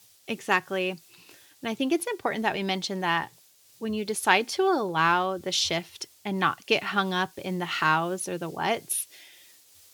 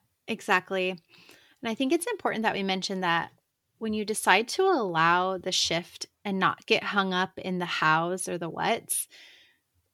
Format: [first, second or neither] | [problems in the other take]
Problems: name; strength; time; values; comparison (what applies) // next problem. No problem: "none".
second | hiss; faint; throughout; 25 dB below the speech